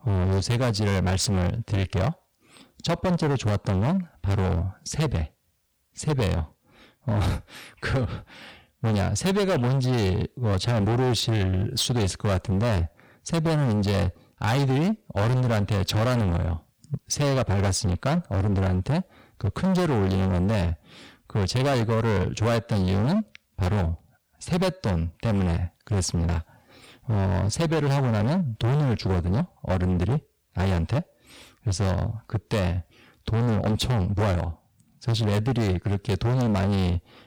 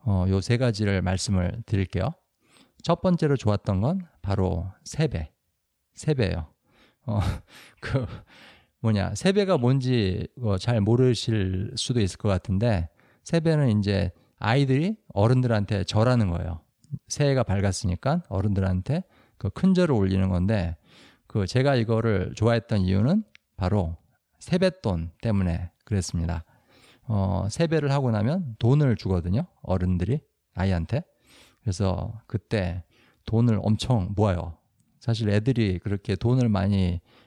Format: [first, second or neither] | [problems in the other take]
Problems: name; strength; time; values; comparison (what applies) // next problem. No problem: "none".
second | distortion; heavy; 25% of the sound clipped